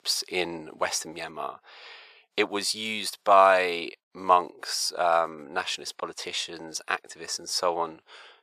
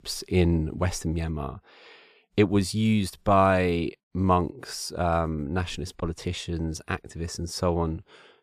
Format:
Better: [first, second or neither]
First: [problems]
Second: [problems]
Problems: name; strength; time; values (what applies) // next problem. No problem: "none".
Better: second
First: thin; very; fading below 700 Hz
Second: none